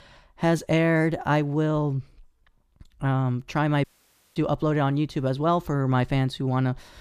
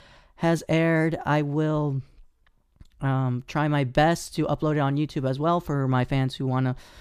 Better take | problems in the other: second | audio cutting out; at 4 s for 0.5 s

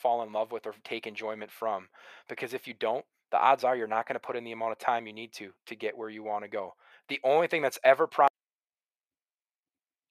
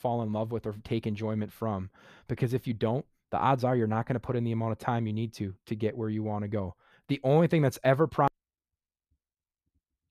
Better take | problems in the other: second | thin; very; fading below 600 Hz

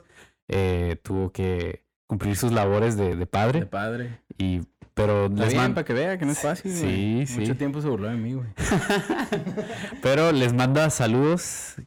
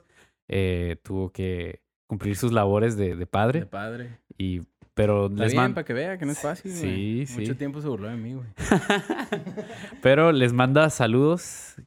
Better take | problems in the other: second | distortion; heavy; 7 dB below the speech

